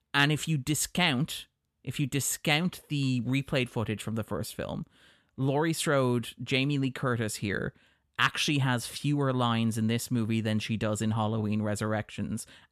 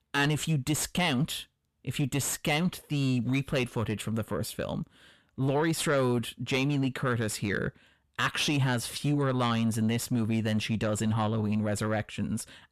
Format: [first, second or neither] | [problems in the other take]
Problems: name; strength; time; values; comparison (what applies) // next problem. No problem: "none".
first | distortion; slight; 10 dB below the speech